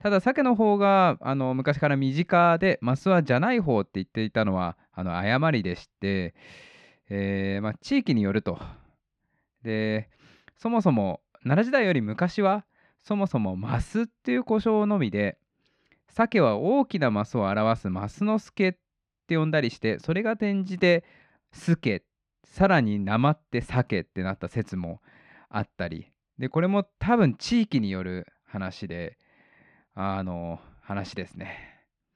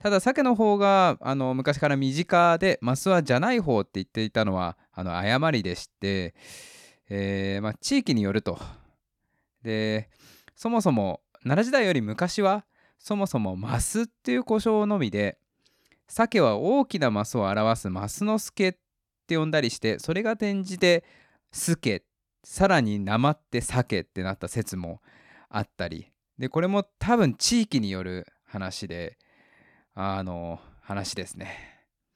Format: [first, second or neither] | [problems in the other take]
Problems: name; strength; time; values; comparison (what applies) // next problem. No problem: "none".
second | muffled; slightly; fading above 3 kHz